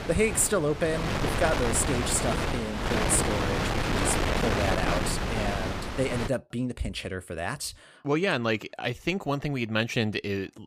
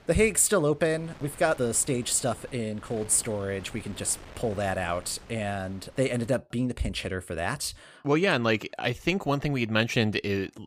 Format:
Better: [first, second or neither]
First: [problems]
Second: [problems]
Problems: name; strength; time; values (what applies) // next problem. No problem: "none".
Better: second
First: wind noise on the microphone; heavy; until 6.5 s; as loud as the speech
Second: wind noise on the microphone; occasional gusts; until 6.5 s; 20 dB below the speech